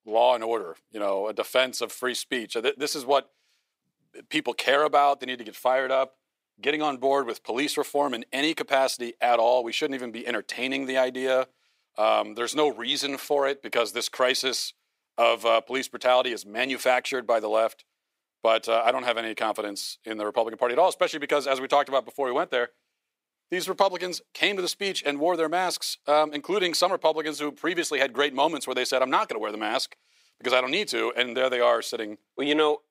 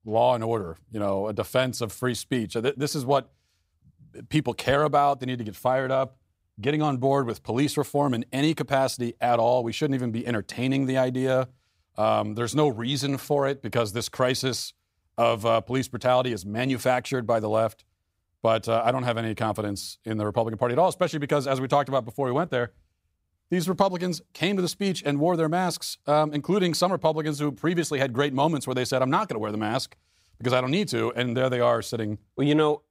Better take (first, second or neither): second